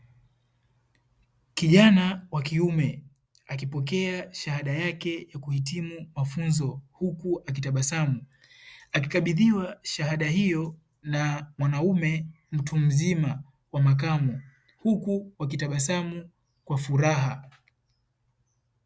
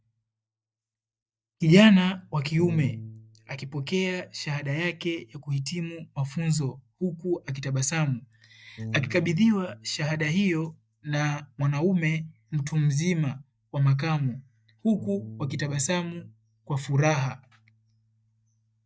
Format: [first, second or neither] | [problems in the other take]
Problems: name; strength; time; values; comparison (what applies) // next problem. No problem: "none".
first | noise reduction (neural mask model DeepFilterNet 3)